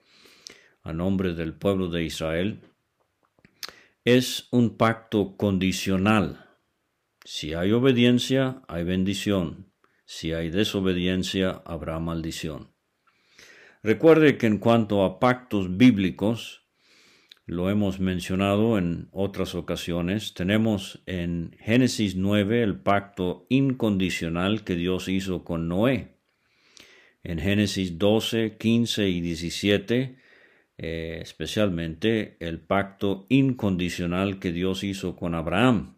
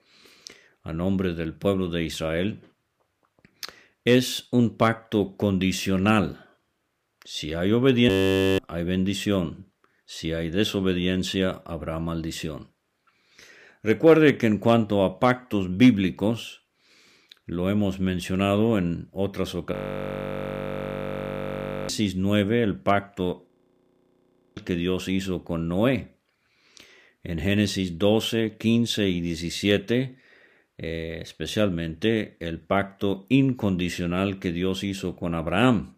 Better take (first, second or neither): first